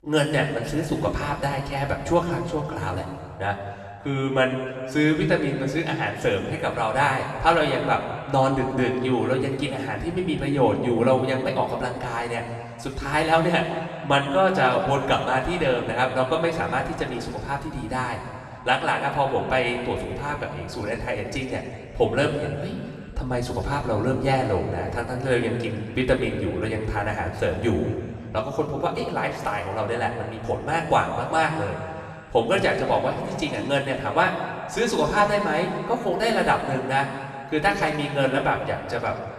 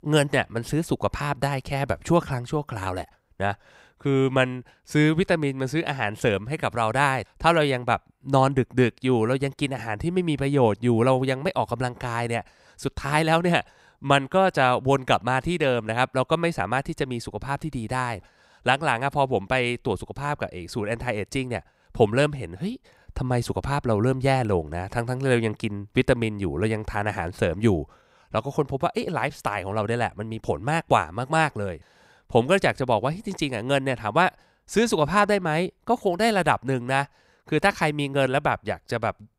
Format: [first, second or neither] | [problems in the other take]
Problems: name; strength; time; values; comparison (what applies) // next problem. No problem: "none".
second | room echo; noticeable; dies away in 2.2 s // off-mic speech; somewhat distant